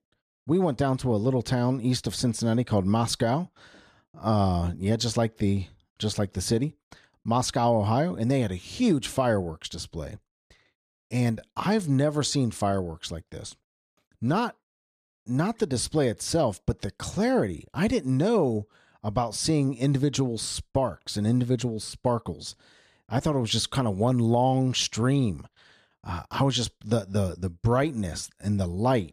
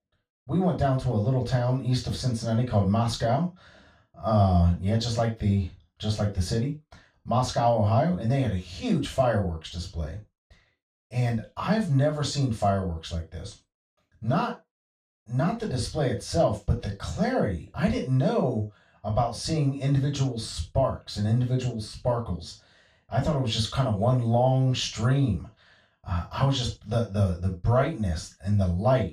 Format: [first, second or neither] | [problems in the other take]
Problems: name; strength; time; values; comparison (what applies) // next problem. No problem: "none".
first | room echo; slight; dies away in 0.2 s // off-mic speech; far